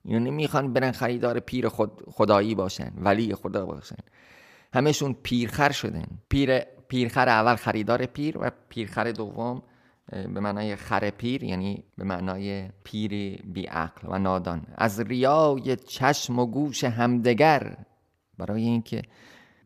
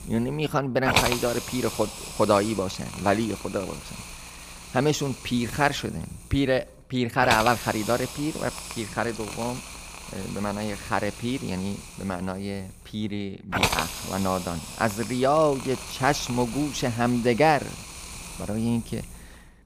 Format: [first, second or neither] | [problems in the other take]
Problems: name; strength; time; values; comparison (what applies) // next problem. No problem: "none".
first | hiss; loud; throughout; 6 dB below the speech